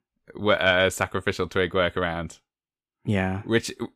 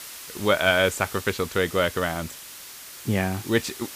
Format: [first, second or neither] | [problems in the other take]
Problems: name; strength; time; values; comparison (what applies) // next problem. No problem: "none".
first | hiss; noticeable; throughout; 15 dB below the speech